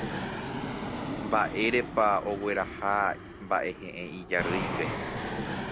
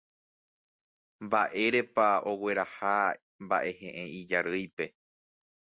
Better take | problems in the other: second | background sound (Fixed-wing aircraft, airplane); 5 dB below the speech

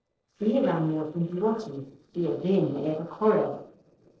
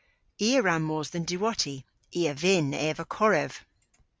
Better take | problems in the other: second | noise reduction (neural separator model SepFormer DNS4)

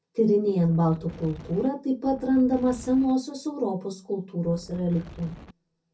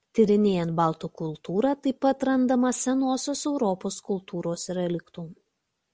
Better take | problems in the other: second | background sound (Wind); 19 dB below the speech // room echo; dies away in 0.3 s

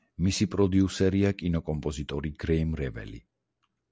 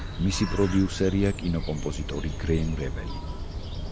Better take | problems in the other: first | background sound (Bird); 5 dB below the speech

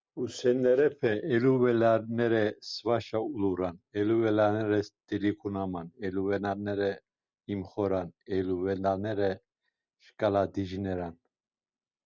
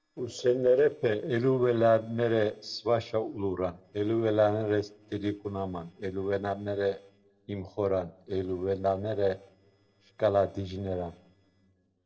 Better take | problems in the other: first | noise reduction (neural separator model SepFormer DNS4)

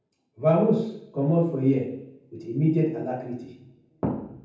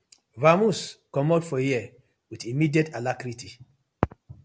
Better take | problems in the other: second | room echo; dies away in 0.9 s

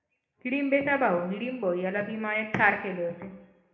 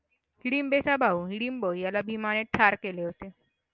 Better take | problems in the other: second | room echo; dies away in 0.7 s

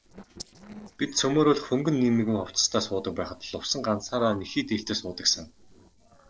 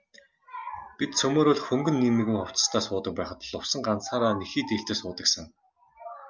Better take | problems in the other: second | noise reduction (neural separator model SepFormer DNS4)

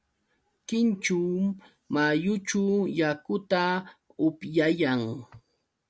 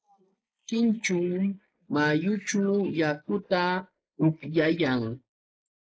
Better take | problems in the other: first | noise reduction (neural mask model Resemble Enhance denoiser)

